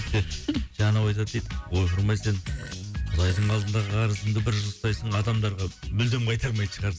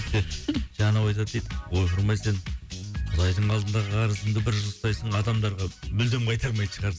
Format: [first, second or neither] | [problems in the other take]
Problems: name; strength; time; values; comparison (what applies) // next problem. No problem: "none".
second | background sound (Fart); 18 dB below the speech